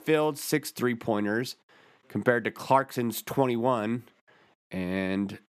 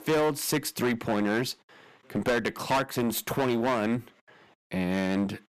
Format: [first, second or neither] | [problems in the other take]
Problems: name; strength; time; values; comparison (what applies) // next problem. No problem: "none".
first | distortion; heavy; 12% of the sound clipped